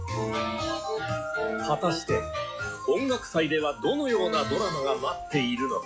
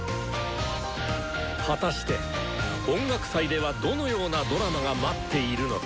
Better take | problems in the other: second | noise reduction (classical method log-MMSE)

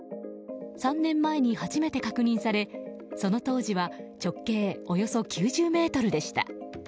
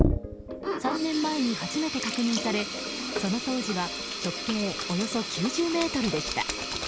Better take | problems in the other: first | background sound (Sink (filling or washing)); 2 dB below the speech

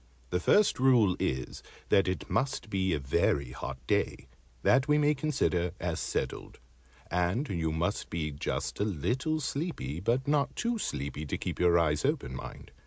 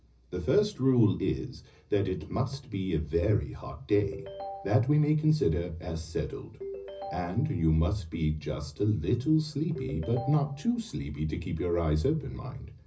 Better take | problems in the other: first | background sound (Ringtone); 12 dB below the speech // room echo; dies away in 0.4 s

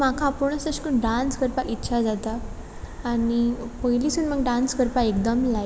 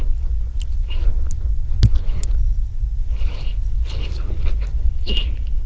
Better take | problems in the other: first | noise reduction (neural diffusion model UNIVERSE++)

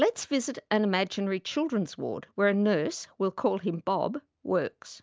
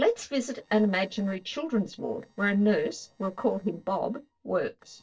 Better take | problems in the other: first | noise reduction (neural separator model SepFormer DNS4)

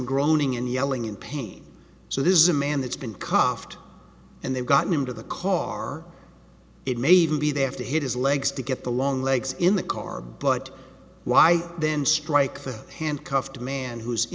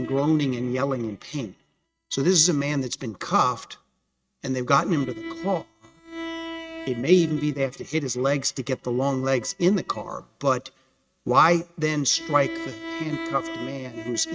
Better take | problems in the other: first | noise reduction (neural mask model RNNoise)

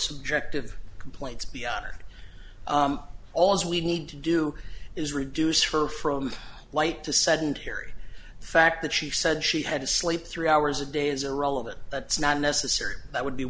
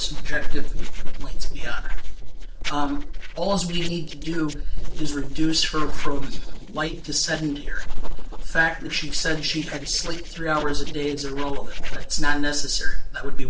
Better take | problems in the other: first | noise reduction (neural separator model SepFormer DNS4)

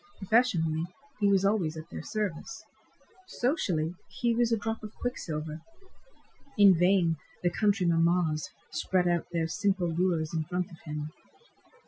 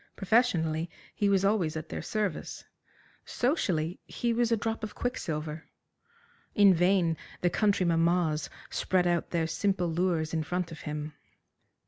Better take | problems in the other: second | noise reduction (classical method Wiener filter)

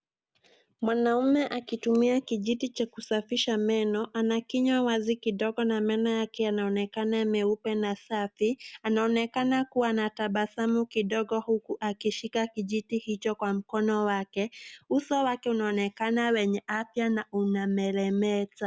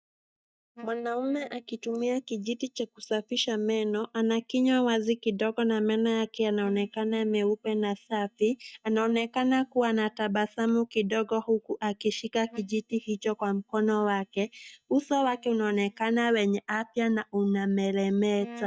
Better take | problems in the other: first | noise reduction (neural mask model DeepFilterNet 3)

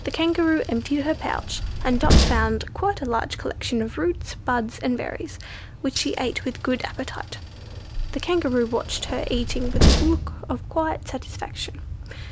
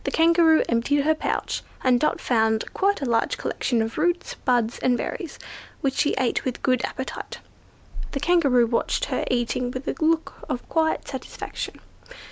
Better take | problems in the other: second | background sound (Train); as loud as the speech

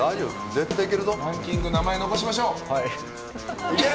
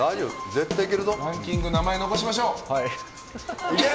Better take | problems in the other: second | background sound (Guitar); 12 dB below the speech

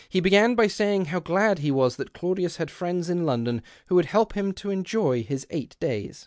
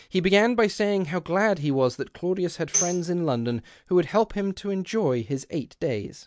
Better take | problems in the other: first | background sound (Tambourine); 7 dB below the speech

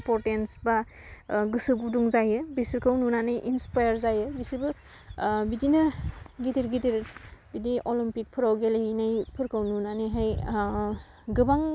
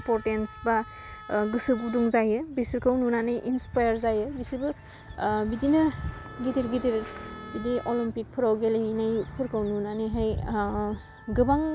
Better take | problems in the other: first | background sound (Wind instrument, woodwind instrument + Motorcycle); 17 dB below the speech

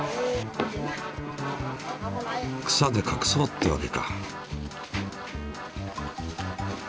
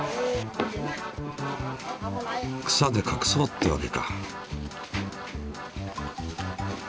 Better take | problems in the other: second | background sound (Bowed string instrument + Trumpet); 16 dB below the speech

